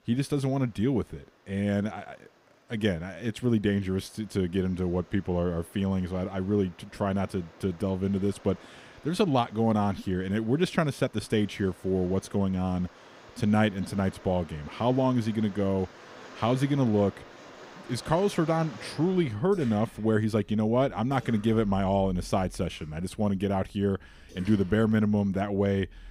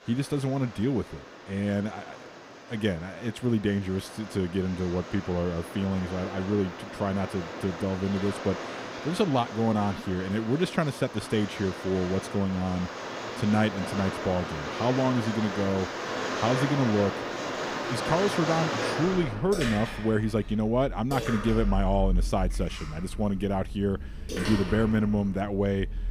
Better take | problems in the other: first | rain or running water; loud; throughout; 6 dB below the speech; faint in the first

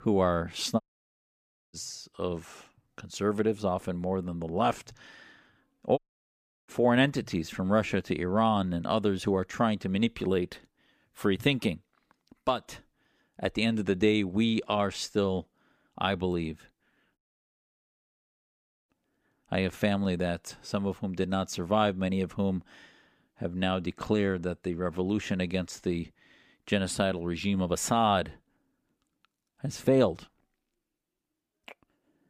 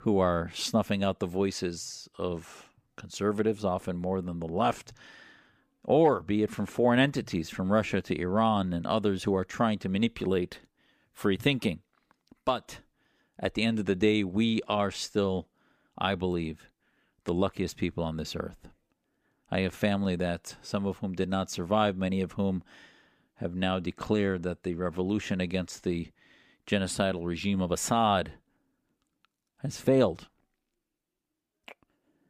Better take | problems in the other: second | audio cutting out; at 1 s for 1 s, at 6 s for 0.5 s and at 17 s for 1.5 s

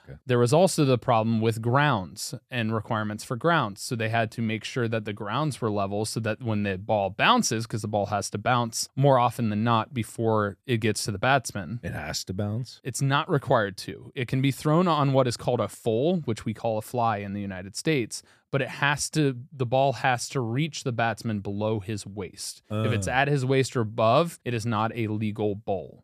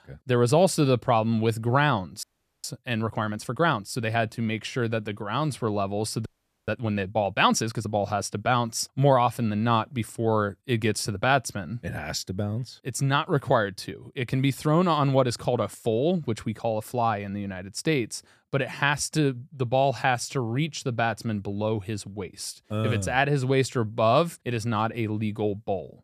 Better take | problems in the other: first | audio freezing; at 2 s and at 6.5 s

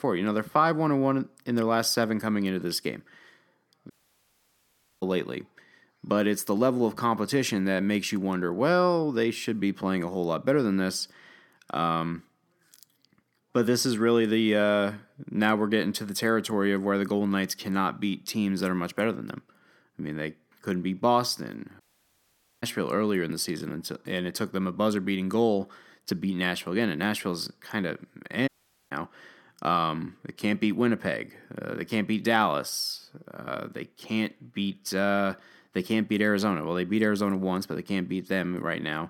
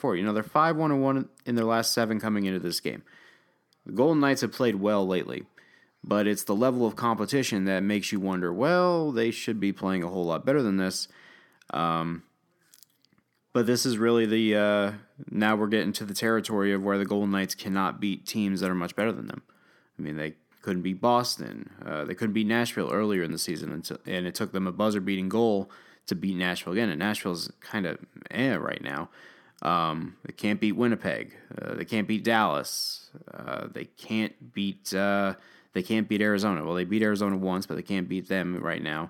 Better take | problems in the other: second | audio cutting out; at 4 s for 1 s, at 22 s for 1 s and at 28 s

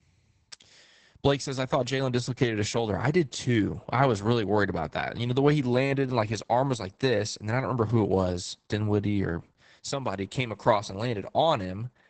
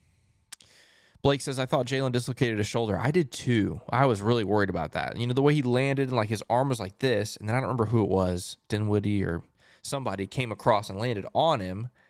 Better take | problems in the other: second | garbled, watery; badly; nothing above 8 kHz; slightly in the second

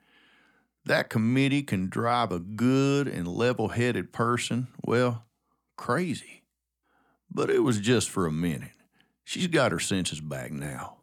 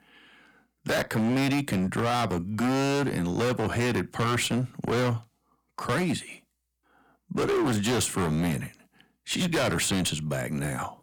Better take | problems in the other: first | distortion; heavy; 21% of the sound clipped

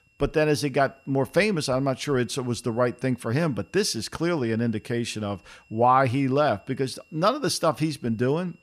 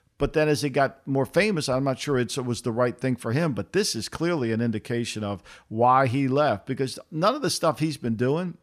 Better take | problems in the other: second | high-pitched whine; faint; throughout; 2.5 kHz, 35 dB below the speech

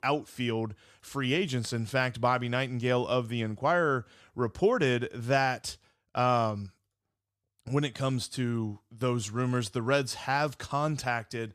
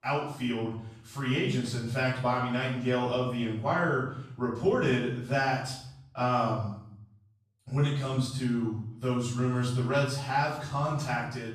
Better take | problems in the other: first | off-mic speech; far // room echo; noticeable; dies away in 0.7 s

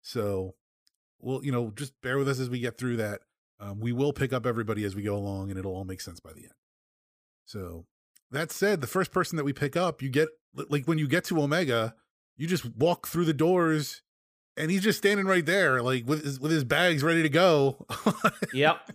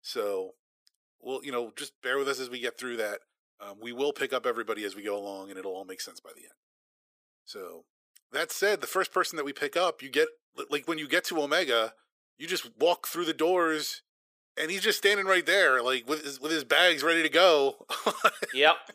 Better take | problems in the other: first | thin; very; fading below 400 Hz

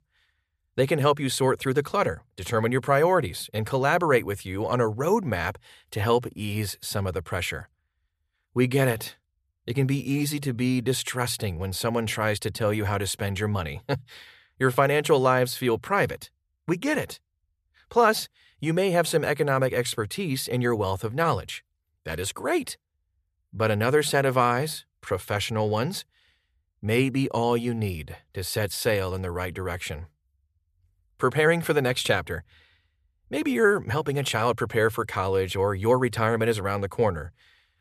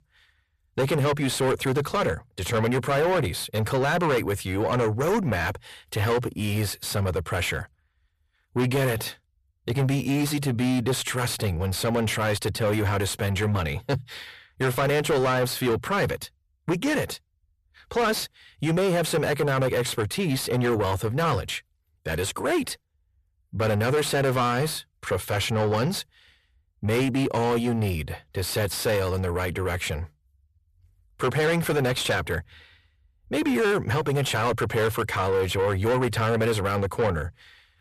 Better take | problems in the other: first | distortion; heavy; 7 dB below the speech

